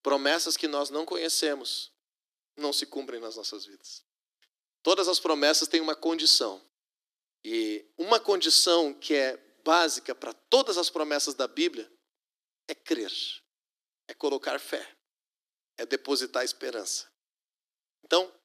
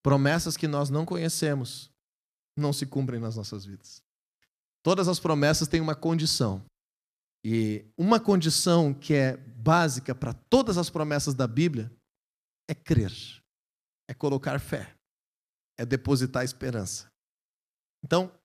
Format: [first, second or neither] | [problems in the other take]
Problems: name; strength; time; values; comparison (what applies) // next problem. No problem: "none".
second | thin; very; fading below 300 Hz